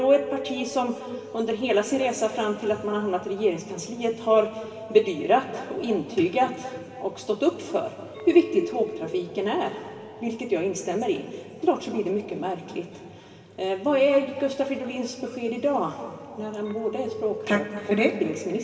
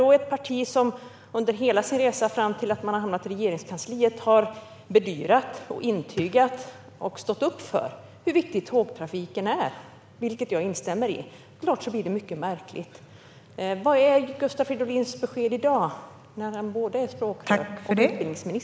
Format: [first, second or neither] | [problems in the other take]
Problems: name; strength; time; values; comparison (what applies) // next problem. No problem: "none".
second | background sound (Chink, clink); 17 dB below the speech // room echo; dies away in 3 s